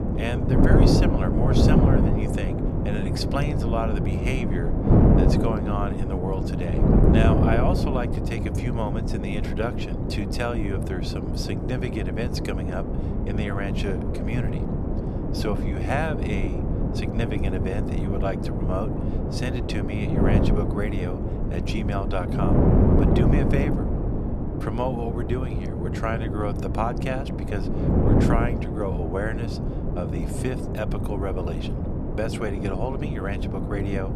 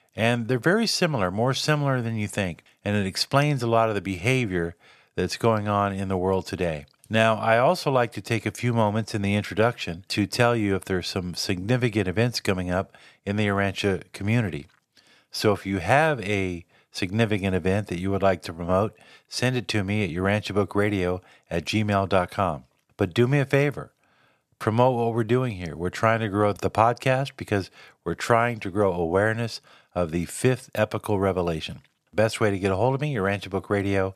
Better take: second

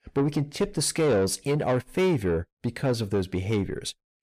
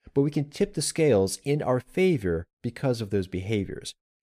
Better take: second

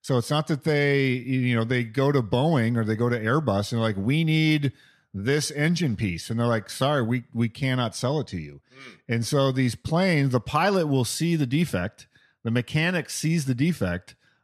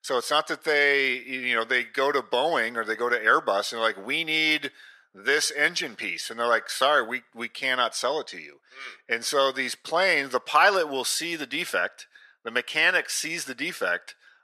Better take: first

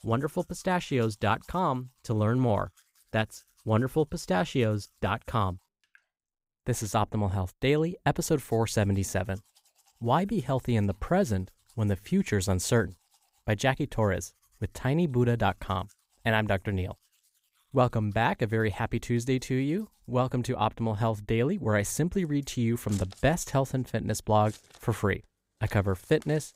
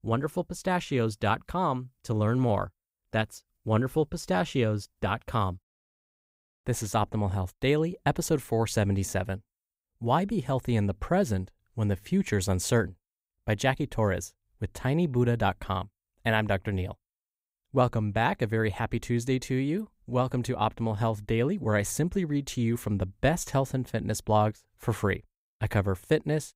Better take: second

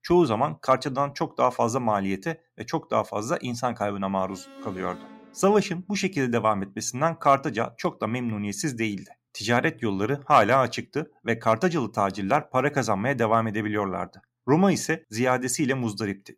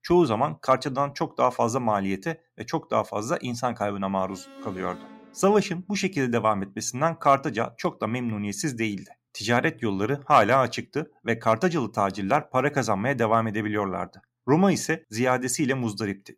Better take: neither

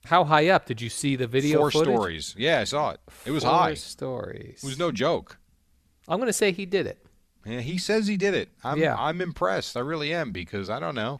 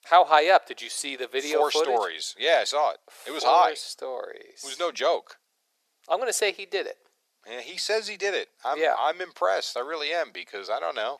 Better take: first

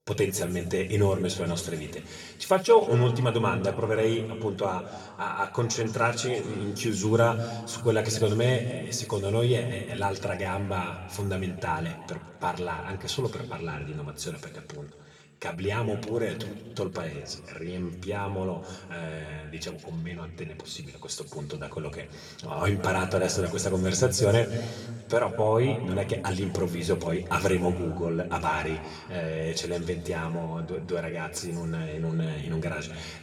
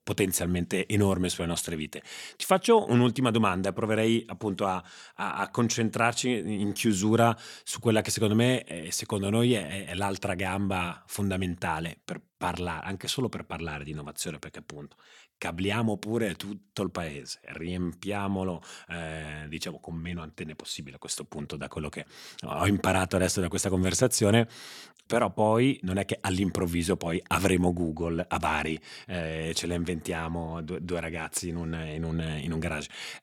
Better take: second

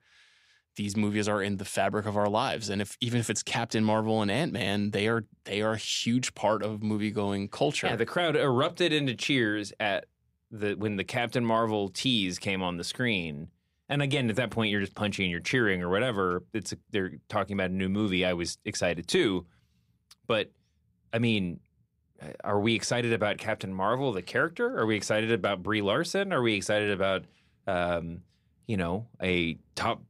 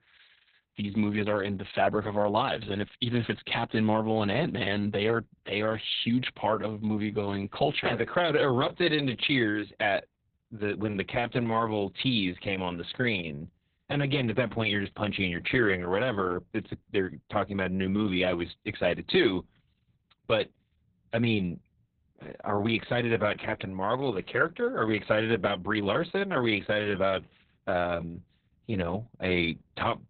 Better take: first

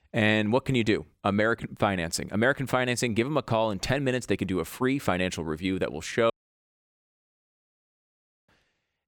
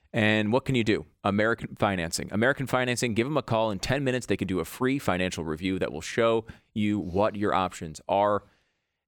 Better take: second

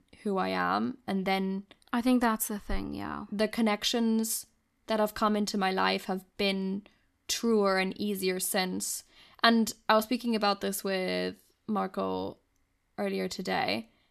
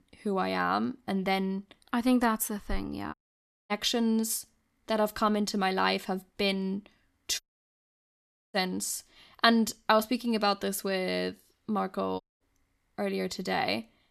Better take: first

